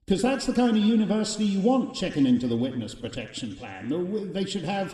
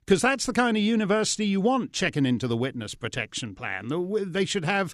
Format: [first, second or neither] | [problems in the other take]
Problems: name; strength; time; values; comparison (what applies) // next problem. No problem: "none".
second | room echo; slight; dies away in 1.3 s